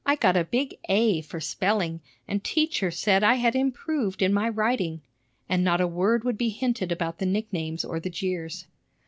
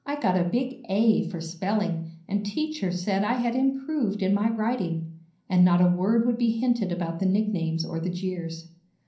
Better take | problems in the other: first | room echo; dies away in 0.6 s

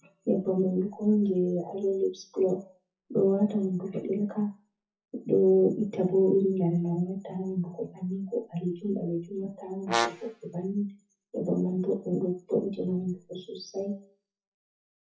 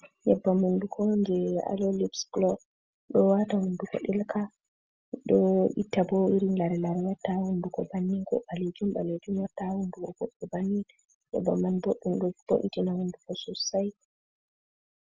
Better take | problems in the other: second | noise reduction (classical method WPE with log-MMSE)

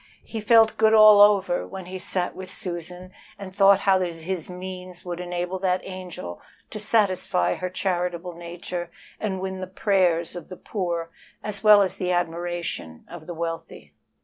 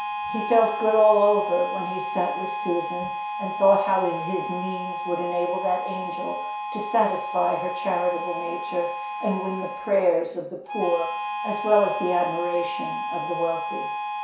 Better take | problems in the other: first | background sound (Harmonica); 5 dB below the speech // room echo; dies away in 0.6 s

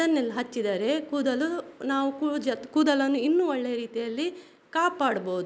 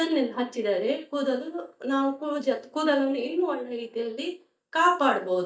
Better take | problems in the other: first | noise reduction (neural mask model DeepFilterNet 3)

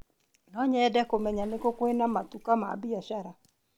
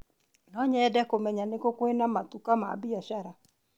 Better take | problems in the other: second | background sound (Bathtub (filling or washing) / Water / Splash, splatter); 18 dB below the speech

